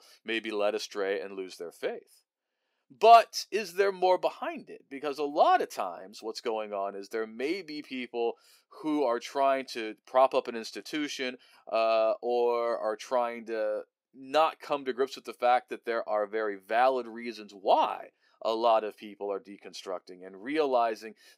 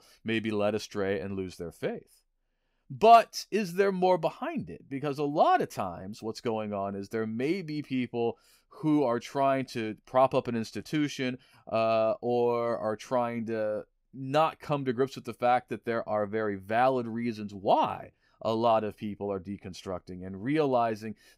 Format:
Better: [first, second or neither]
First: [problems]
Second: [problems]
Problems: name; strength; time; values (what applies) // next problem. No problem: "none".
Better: second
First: thin; somewhat; fading below 350 Hz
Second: none